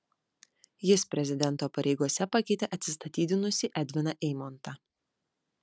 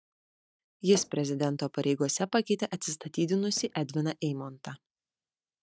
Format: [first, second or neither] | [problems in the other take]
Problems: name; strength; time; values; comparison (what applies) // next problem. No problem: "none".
first | noise reduction (neural mask model DeepFilterNet 3)